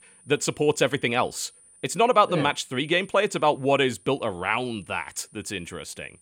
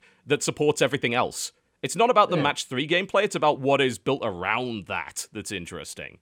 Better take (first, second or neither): second